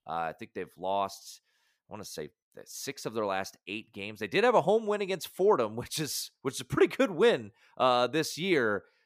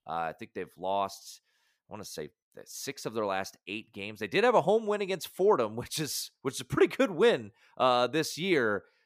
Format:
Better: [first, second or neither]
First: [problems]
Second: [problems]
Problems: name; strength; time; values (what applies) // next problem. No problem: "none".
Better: neither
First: none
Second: none